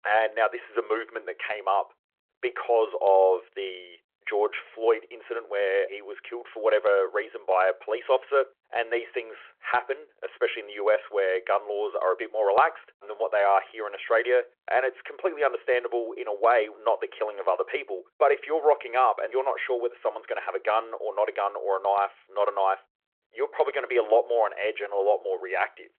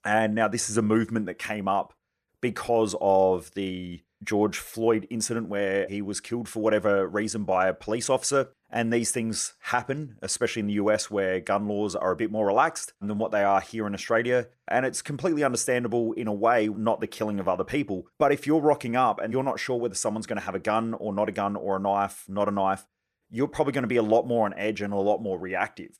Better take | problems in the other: second | phone-call audio

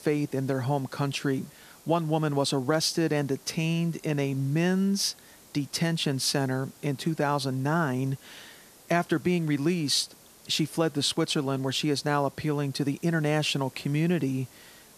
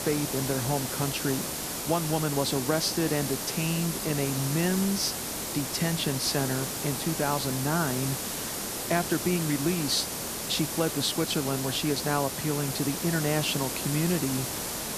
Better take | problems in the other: first | hiss; loud; throughout; 2 dB below the speech; faint in the first

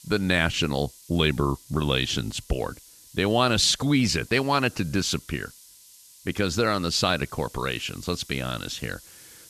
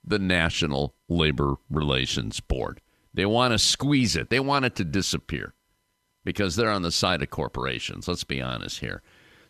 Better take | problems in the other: second | hiss; faint; throughout; 20 dB below the speech

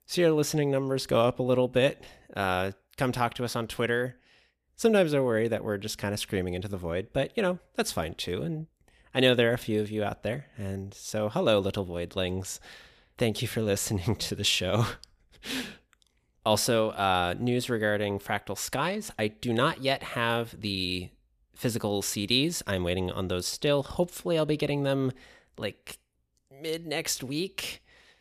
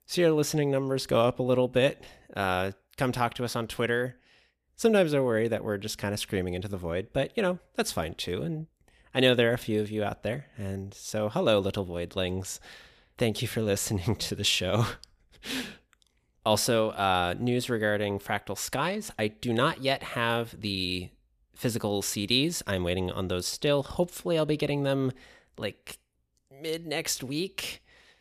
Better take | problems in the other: neither | none

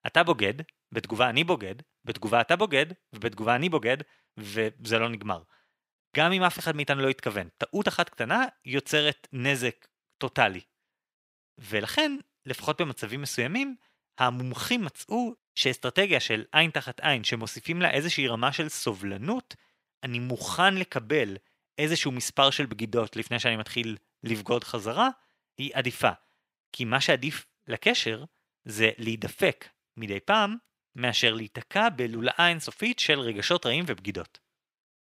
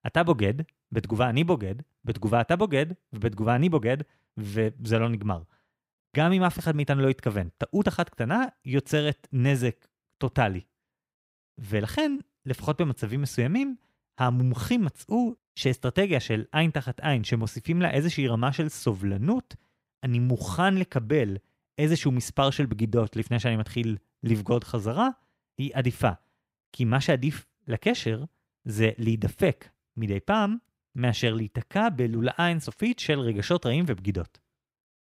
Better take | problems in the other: second | thin; somewhat; fading below 1 kHz

